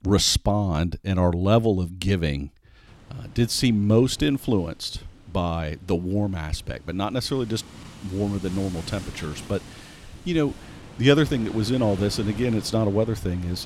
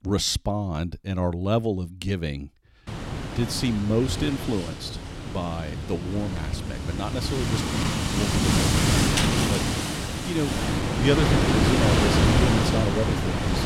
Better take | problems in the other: first | wind noise on the microphone; heavy; from 3 s on; 5 dB above the speech; occasional gusts in the first

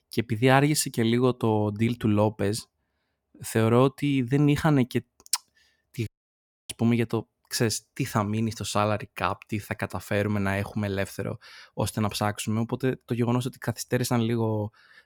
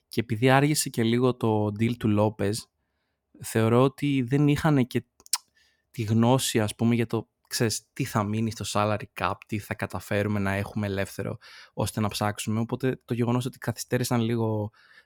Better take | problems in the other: second | audio cutting out; at 6 s for 0.5 s

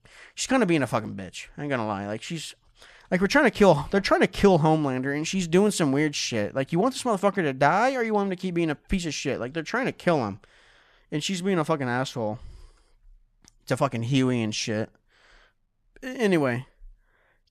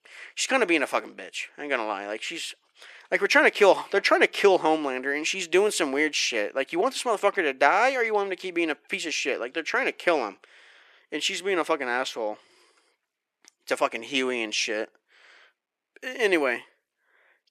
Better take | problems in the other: first | thin; somewhat; fading below 350 Hz

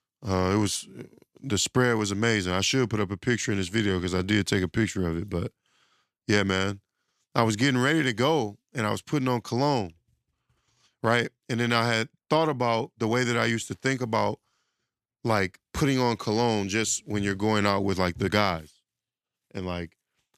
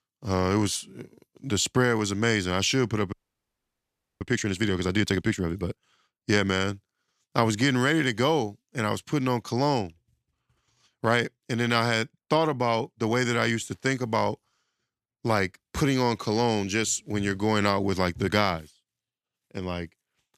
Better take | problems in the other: first | audio freezing; at 3 s for 1 s

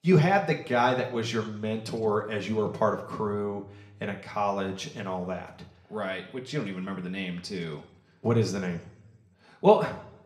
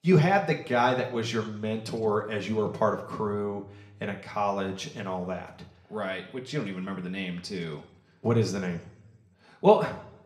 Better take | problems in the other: neither | room echo; slight; dies away in 0.6 s; the same in both // off-mic speech; somewhat distant; the same in both

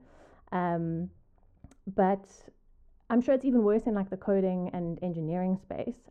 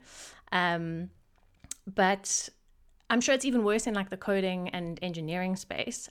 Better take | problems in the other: second | muffled; very; fading above 2 kHz

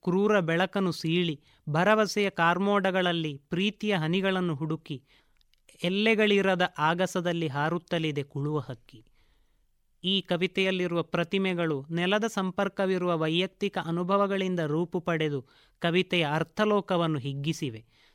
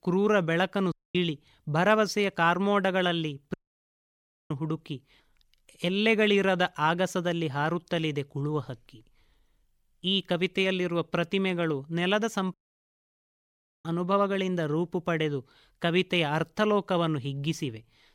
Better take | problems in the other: first | audio cutting out; at 1 s, at 3.5 s for 1 s and at 13 s for 1.5 s

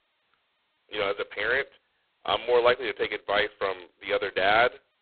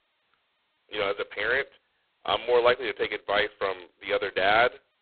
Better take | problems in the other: neither | phone-call audio; poor line; nothing above 4 kHz; the same in both

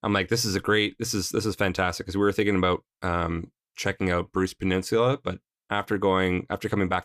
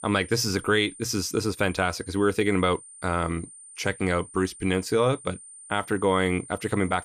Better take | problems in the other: first | high-pitched whine; noticeable; throughout; 9 kHz, 15 dB below the speech

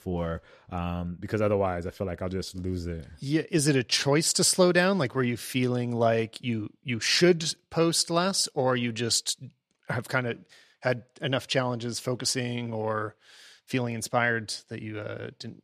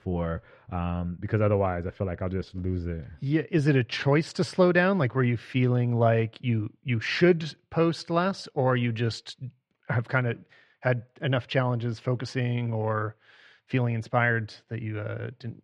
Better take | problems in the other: first | muffled; slightly; fading above 2 kHz

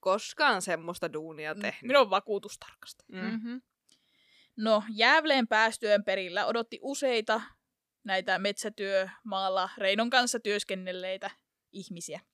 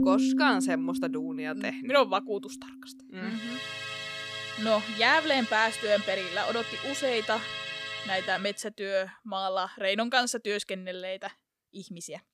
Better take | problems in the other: first | background music; loud; until 8.5 s; 4 dB below the speech

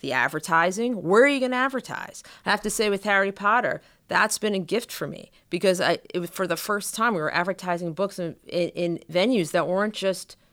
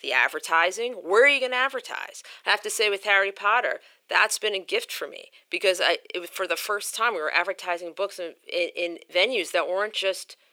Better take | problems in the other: first | thin; very; fading below 400 Hz

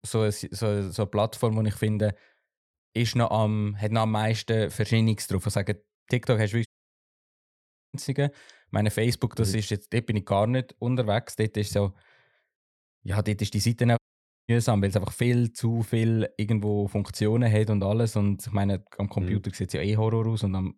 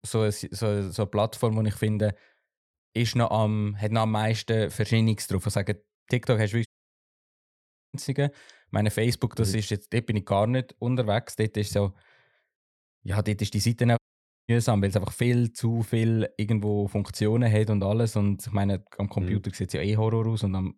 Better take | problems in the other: neither | audio cutting out; at 6.5 s for 1.5 s and at 14 s for 0.5 s; the same in both

